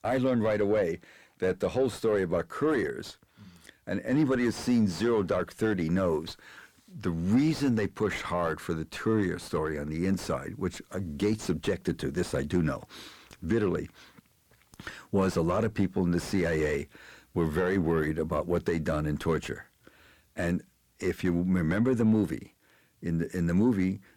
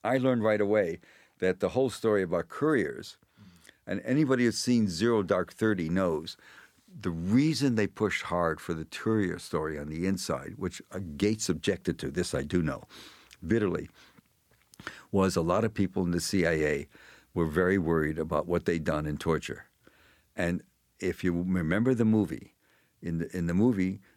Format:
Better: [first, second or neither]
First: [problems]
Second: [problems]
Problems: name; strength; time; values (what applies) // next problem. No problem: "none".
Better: second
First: distortion; slight; 9 dB below the speech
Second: none